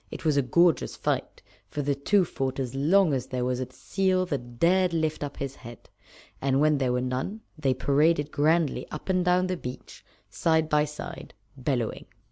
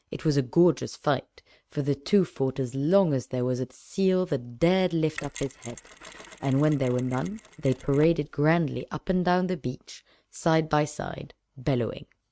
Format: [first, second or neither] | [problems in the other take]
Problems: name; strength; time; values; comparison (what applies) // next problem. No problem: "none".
first | noise reduction (neural mask model RNNoise)